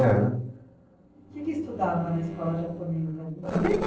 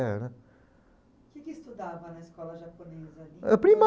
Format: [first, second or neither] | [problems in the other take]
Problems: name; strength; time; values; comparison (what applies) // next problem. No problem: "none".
second | noise reduction (neural separator model SepFormer DNS4)